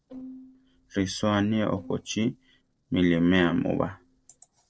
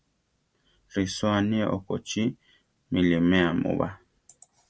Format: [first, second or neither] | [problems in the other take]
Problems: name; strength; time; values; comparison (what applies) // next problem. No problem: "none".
second | noise reduction (neural separator model SepFormer DNS4)